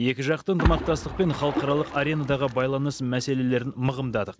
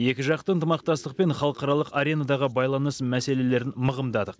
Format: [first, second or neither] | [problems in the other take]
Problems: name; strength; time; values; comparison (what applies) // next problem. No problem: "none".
second | background sound (Splash, splatter); 7 dB below the speech